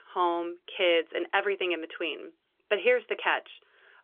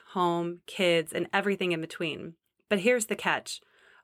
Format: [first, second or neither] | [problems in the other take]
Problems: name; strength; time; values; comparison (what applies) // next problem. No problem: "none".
second | phone-call audio; nothing above 3 kHz